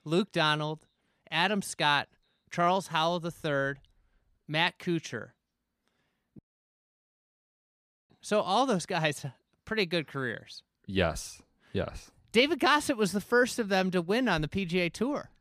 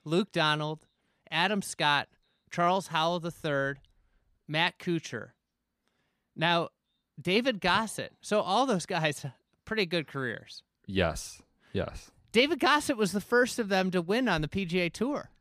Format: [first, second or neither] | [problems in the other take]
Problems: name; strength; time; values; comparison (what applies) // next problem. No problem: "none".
second | audio cutting out; at 6.5 s for 1.5 s